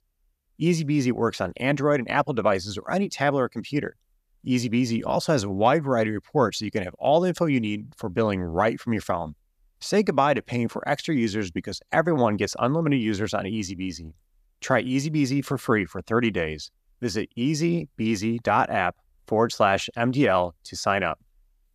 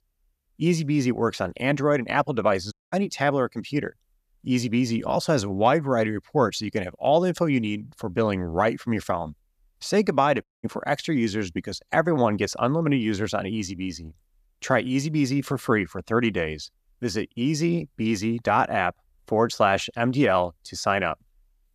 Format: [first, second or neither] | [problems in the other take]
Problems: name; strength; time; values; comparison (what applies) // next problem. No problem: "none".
first | audio cutting out; at 2.5 s and at 10 s